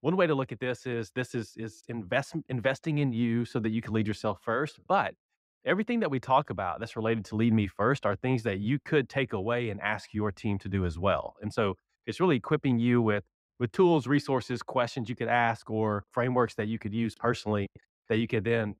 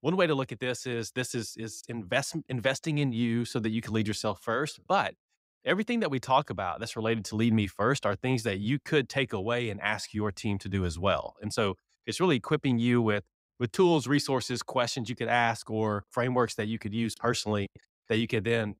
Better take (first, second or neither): second